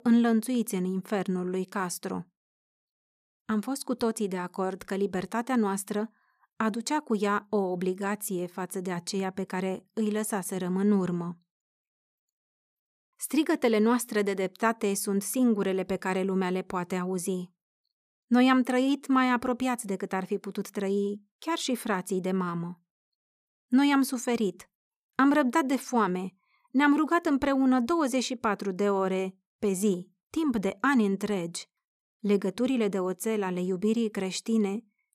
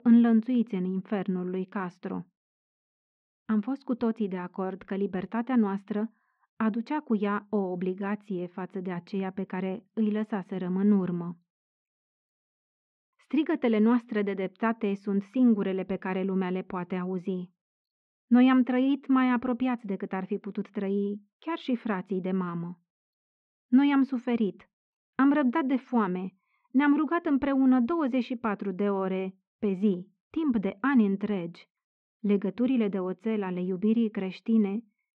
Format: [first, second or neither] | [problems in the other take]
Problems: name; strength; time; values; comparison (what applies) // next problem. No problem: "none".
first | muffled; very; fading above 3 kHz